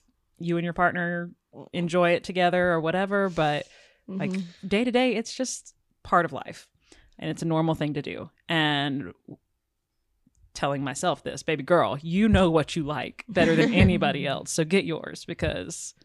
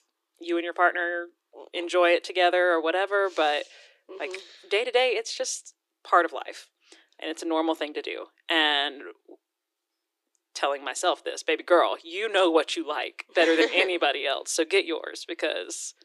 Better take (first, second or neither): first